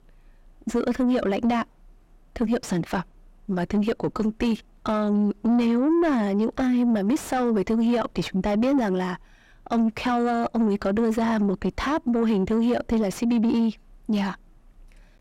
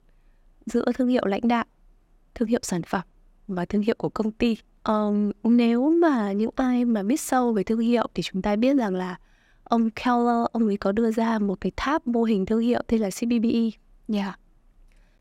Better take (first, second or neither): second